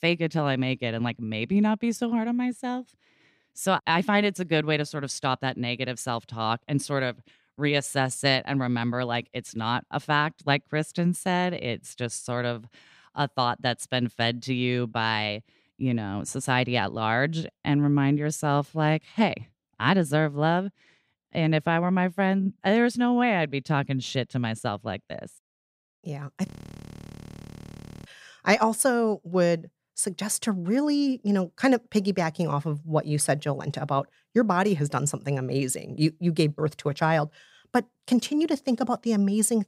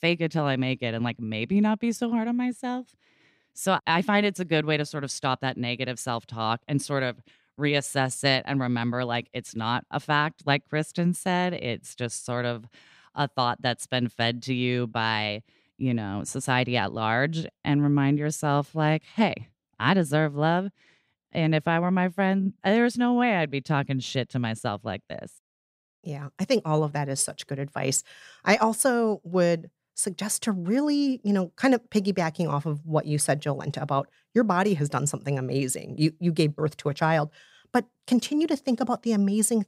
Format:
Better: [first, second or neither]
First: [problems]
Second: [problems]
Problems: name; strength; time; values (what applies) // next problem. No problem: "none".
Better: second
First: audio freezing; at 26 s for 1.5 s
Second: none